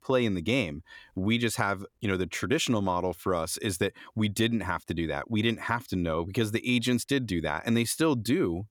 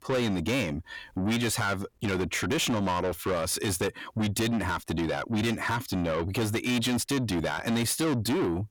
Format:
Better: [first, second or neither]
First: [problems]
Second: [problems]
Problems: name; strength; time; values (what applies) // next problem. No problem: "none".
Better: first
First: none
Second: distortion; heavy; 6 dB below the speech